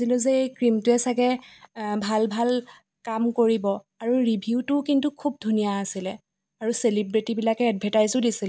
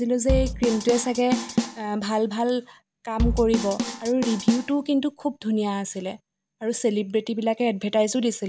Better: first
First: none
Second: background sound (Drum kit); 3 dB below the speech

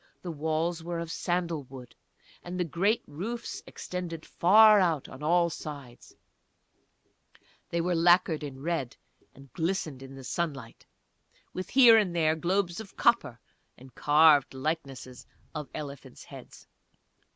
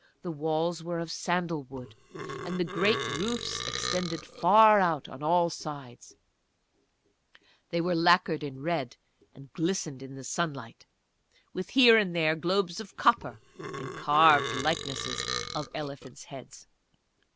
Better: first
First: none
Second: background sound (Burping, eructation); 8 dB below the speech

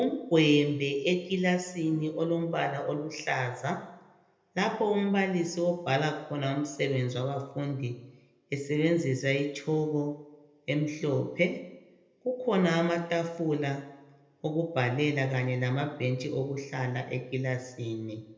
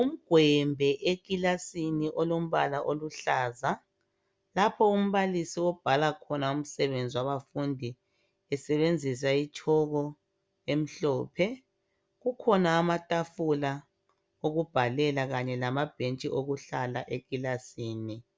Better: second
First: room echo; dies away in 0.7 s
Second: none

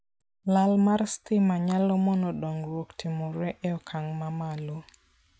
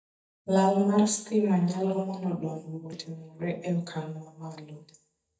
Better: first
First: none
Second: noise reduction (neural mask model DeepFilterNet 3)

